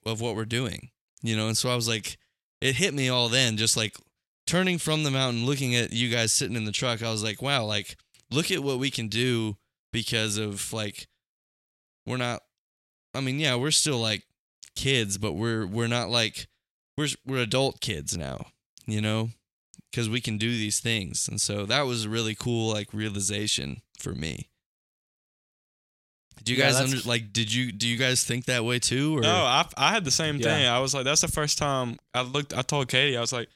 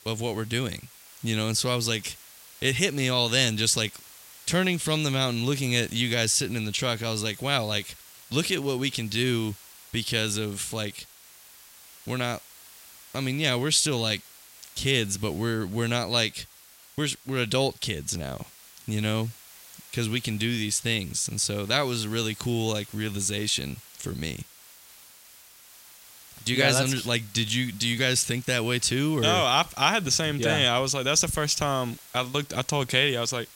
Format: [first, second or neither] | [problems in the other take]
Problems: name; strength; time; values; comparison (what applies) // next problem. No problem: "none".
first | hiss; faint; throughout; 20 dB below the speech